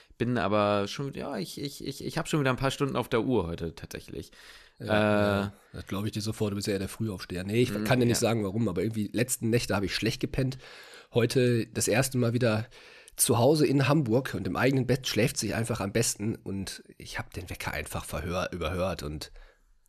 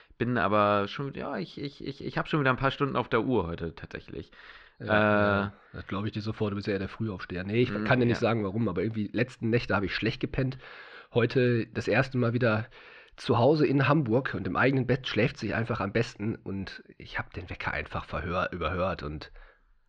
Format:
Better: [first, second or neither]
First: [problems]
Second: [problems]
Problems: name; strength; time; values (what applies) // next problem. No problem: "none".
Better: first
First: none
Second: muffled; slightly; fading above 4 kHz